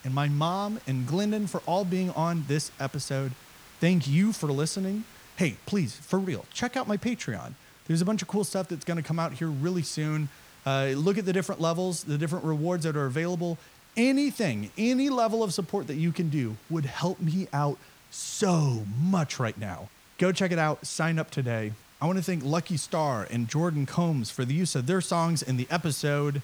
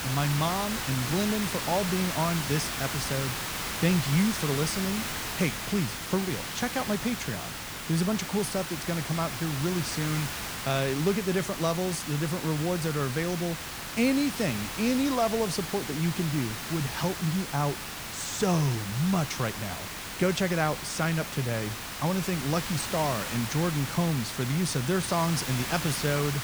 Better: first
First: hiss; faint; throughout; 25 dB below the speech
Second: hiss; loud; throughout; 4 dB below the speech

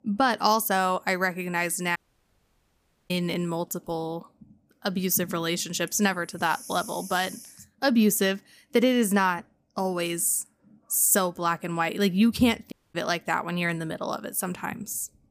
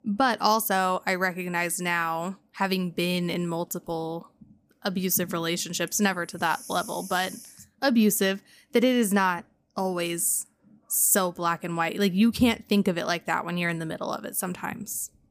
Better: second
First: audio cutting out; at 2 s for 1 s and at 13 s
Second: none

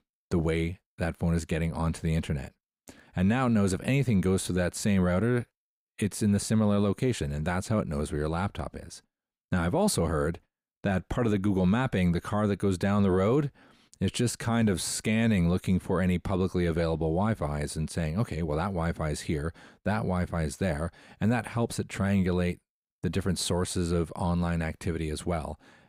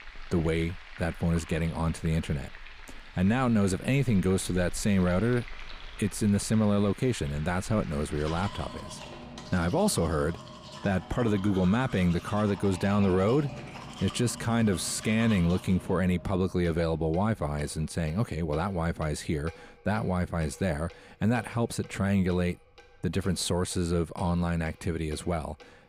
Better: first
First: none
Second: household noises; noticeable; throughout; 15 dB below the speech

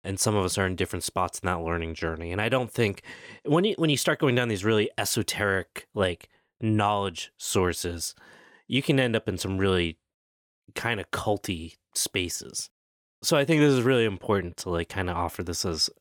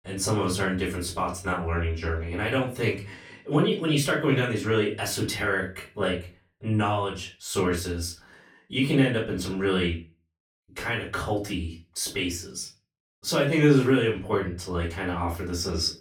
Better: first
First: none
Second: room echo; slight; dies away in 0.3 s // off-mic speech; far

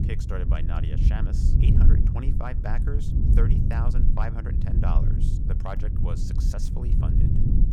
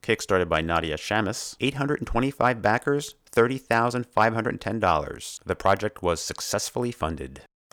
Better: second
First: low rumble; loud; throughout; as loud as the speech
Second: none

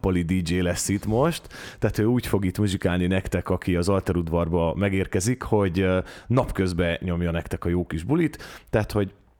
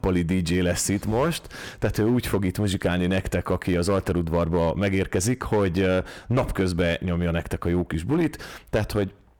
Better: first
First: none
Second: distortion; slight; 8% of the sound clipped

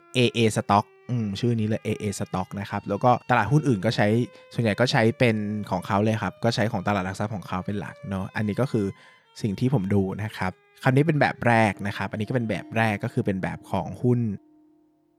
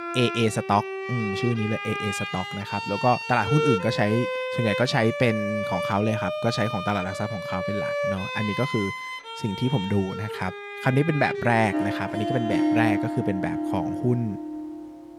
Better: first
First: background music; faint; throughout; 25 dB below the speech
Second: background music; loud; throughout; 3 dB below the speech

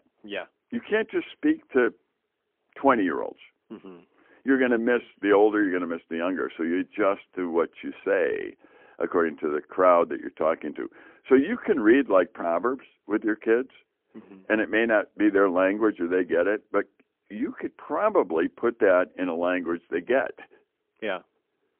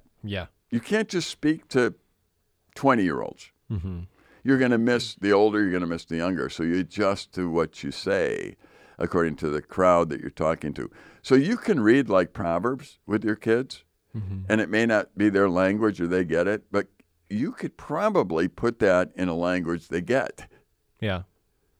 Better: second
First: phone-call audio; poor line; nothing above 3.5 kHz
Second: none

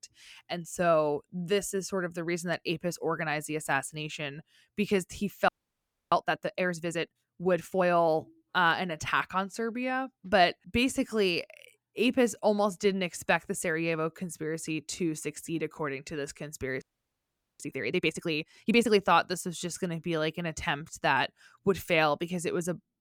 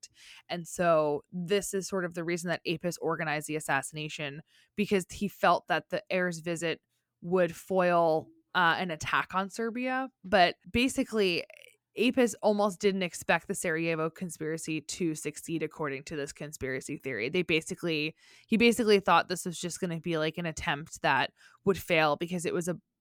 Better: second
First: audio freezing; at 5.5 s for 0.5 s and at 17 s for 1 s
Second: none

